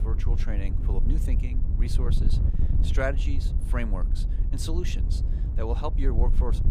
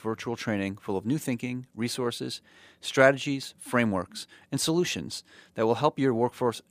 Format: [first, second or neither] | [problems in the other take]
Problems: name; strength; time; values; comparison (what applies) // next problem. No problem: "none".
second | wind noise on the microphone; heavy; 8 dB below the speech